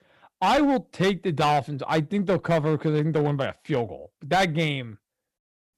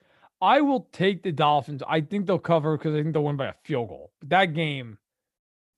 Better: second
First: distortion; slight; 8% of the sound clipped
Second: none

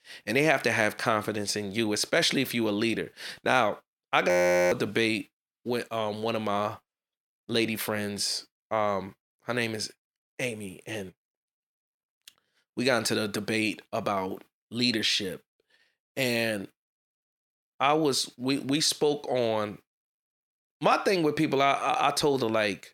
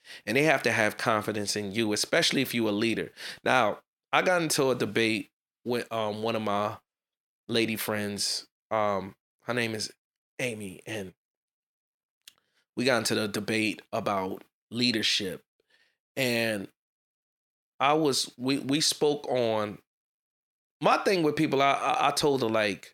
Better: second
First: audio freezing; at 4.5 s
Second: none

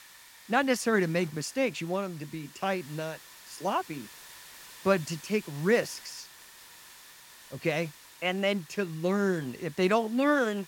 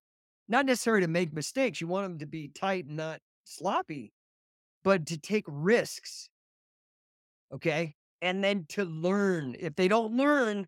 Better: second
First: hiss; noticeable; throughout; 20 dB below the speech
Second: none

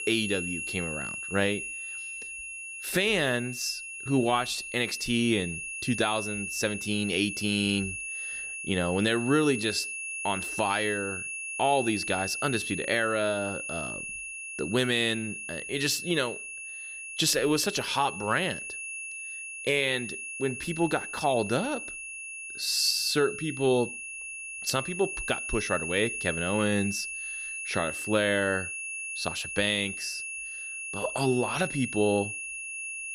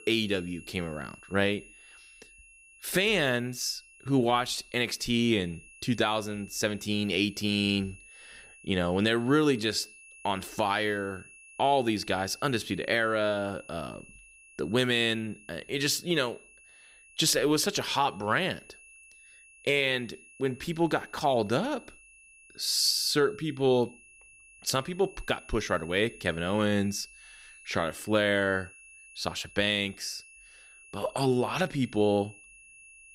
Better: second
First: high-pitched whine; loud; throughout; 2.5 kHz, 6 dB below the speech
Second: high-pitched whine; faint; throughout; 2.5 kHz, 25 dB below the speech

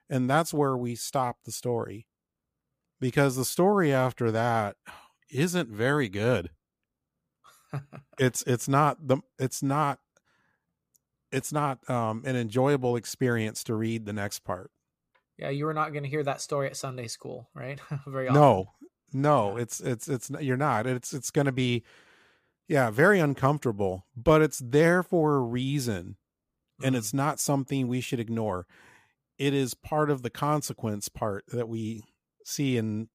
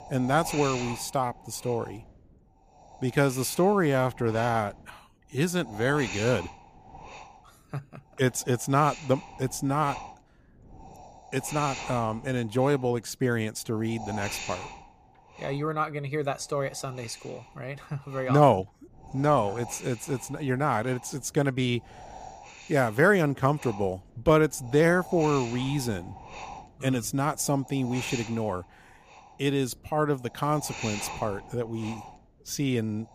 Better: first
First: none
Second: wind noise on the microphone; occasional gusts; 15 dB below the speech

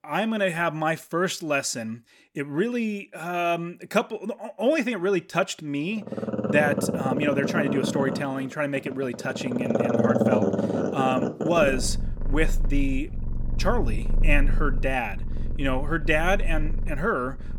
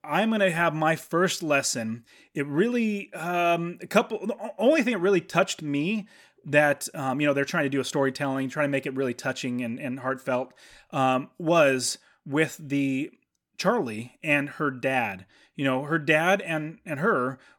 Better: second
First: animal sounds; loud; from 6 s on; 1 dB below the speech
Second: none

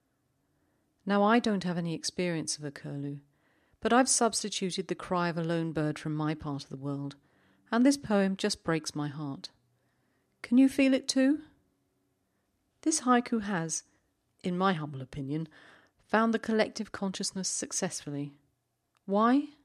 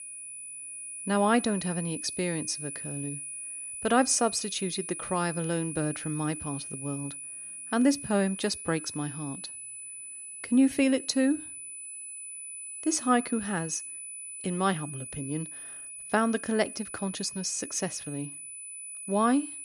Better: first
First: none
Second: high-pitched whine; loud; throughout; 10 kHz, 8 dB below the speech

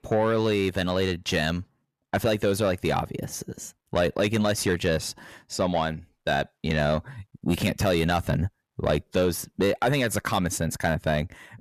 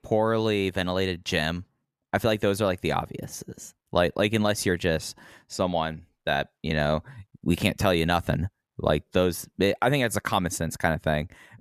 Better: second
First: distortion; slight; 10 dB below the speech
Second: none

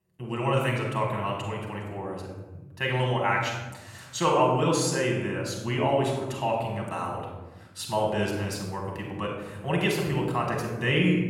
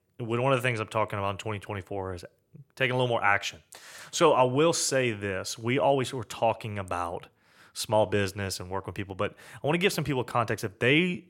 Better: second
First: off-mic speech; somewhat distant // room echo; noticeable; dies away in 1.3 s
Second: none

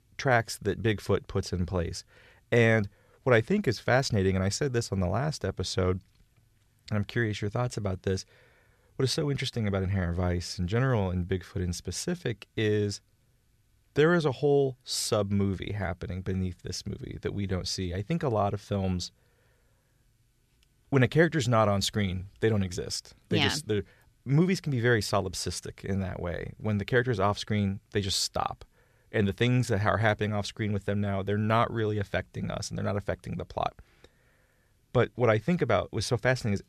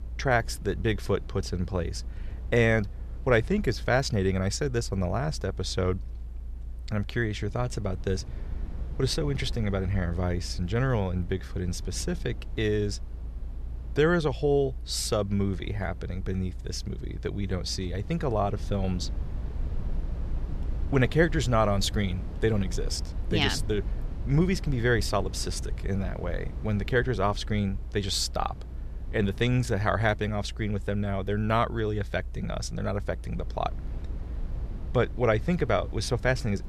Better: first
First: none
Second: low rumble; faint; throughout; 20 dB below the speech

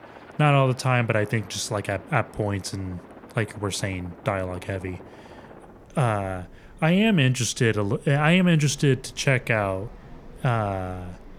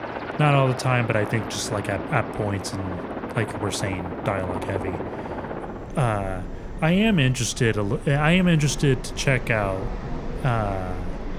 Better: first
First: train or aircraft noise; faint; throughout; 20 dB below the speech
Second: train or aircraft noise; loud; throughout; 9 dB below the speech

